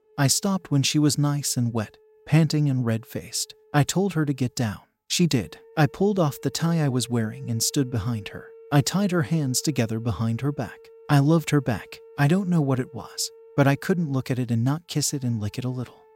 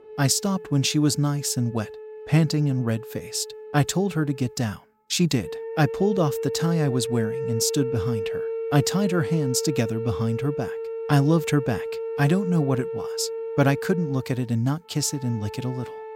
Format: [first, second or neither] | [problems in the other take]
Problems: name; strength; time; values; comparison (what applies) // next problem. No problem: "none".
first | background music; loud; throughout; 7 dB below the speech; faint in the first